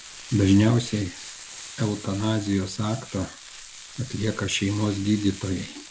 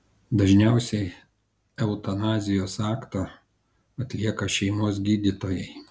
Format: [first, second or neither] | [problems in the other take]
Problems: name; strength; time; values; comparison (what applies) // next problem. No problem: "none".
second | background sound (Frying (food)); 16 dB below the speech